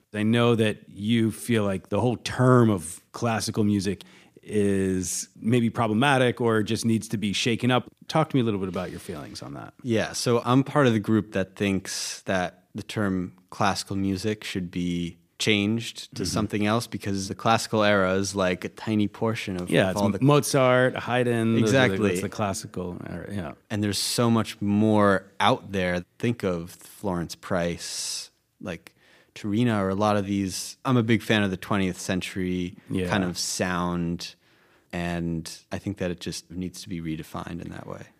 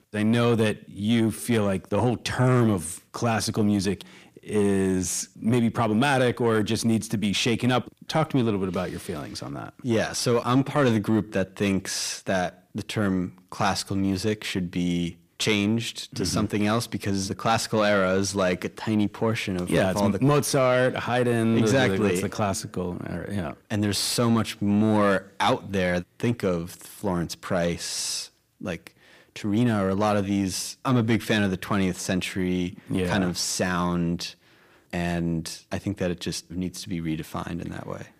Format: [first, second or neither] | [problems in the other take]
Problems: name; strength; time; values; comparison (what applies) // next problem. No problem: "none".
first | distortion; slight; 10 dB below the speech